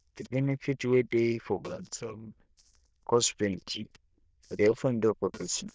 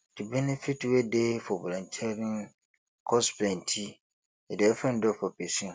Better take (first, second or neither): second